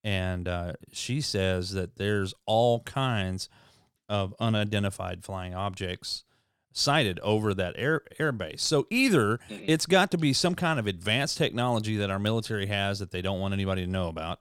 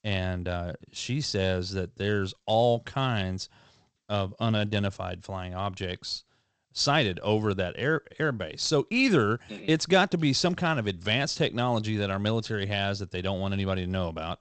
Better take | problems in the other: first | garbled, watery; slightly; nothing above 8 kHz

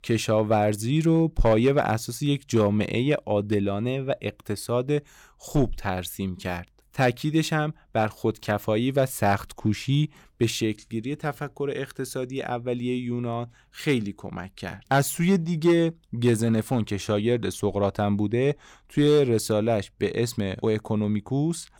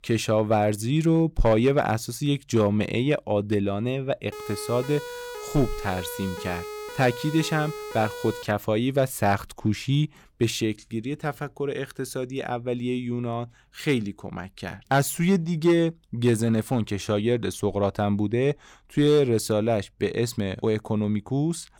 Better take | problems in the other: first | siren; faint; from 4.5 to 8.5 s; peak 10 dB below the speech

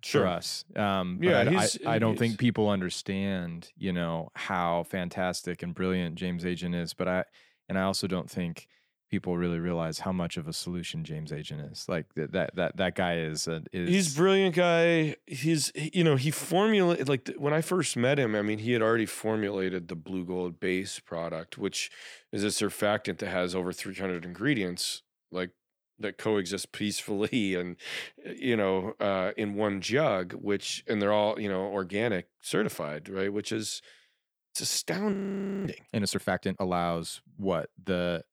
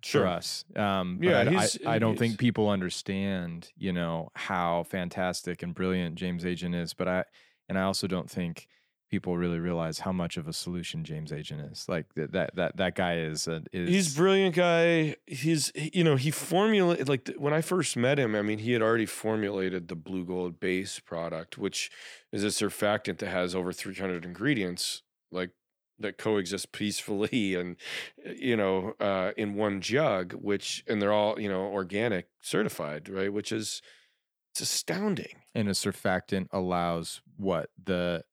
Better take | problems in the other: second | audio freezing; at 35 s for 0.5 s

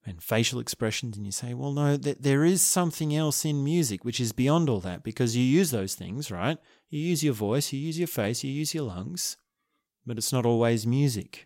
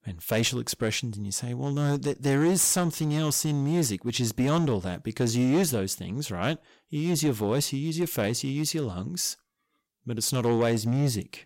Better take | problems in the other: first | distortion; slight; 6% of the sound clipped

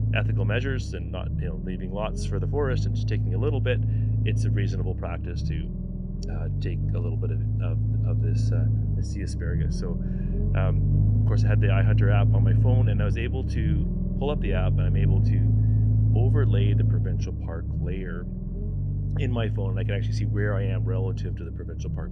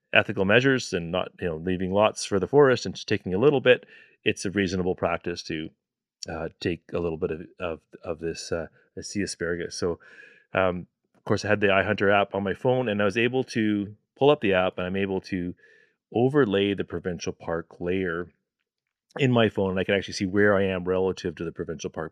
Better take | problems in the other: second | low rumble; loud; throughout; 3 dB below the speech

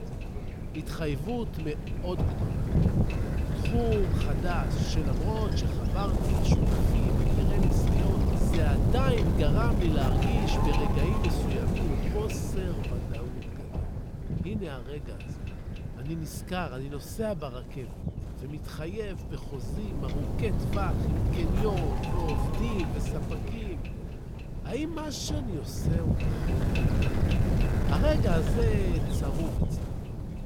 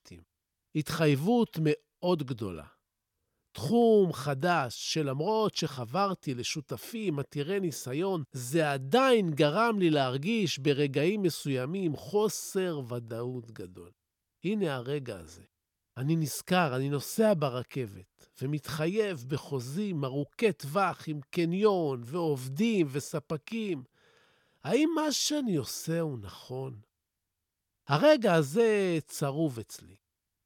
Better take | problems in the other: second | wind noise on the microphone; heavy; as loud as the speech

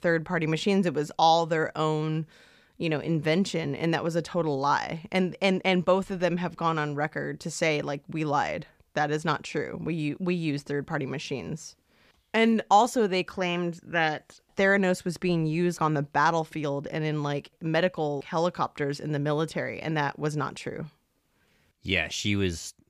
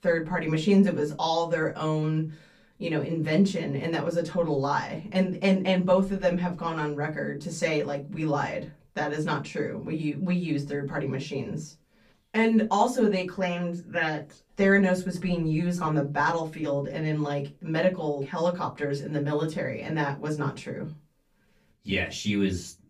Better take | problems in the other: first | off-mic speech; far // room echo; very slight; dies away in 0.2 s

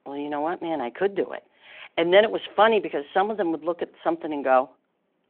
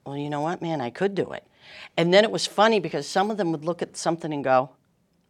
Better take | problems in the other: second | phone-call audio

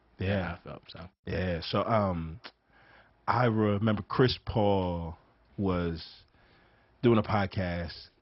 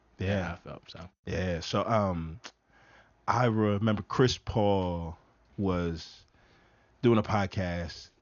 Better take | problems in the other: second | garbled, watery; badly; nothing above 5.5 kHz; slightly in the second

